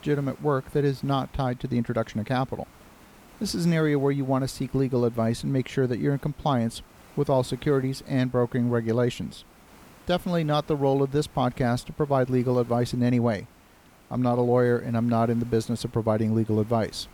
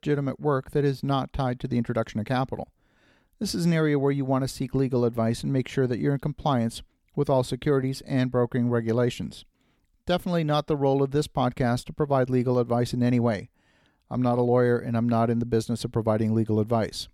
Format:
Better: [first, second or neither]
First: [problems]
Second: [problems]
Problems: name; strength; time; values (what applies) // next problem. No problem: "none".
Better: second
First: hiss; faint; throughout; 25 dB below the speech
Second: none